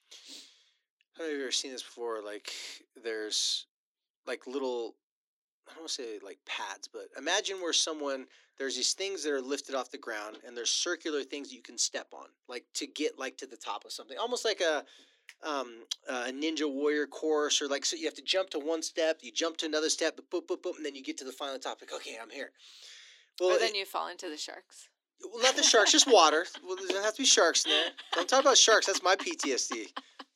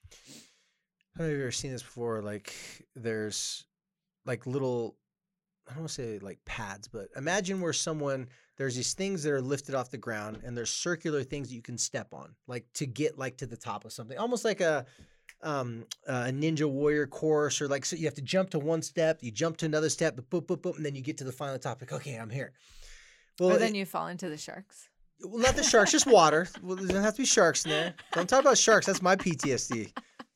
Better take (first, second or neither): second